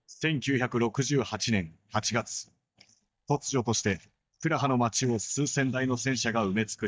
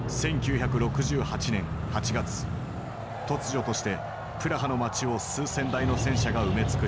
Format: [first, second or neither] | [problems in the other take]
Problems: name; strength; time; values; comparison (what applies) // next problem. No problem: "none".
second | noise reduction (neural mask model DeepFilterNet 3)